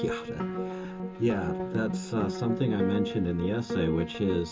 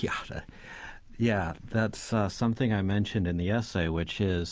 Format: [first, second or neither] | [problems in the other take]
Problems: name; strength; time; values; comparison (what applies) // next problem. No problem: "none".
second | background sound (Piano); 4 dB below the speech // room echo; dies away in 0.2 s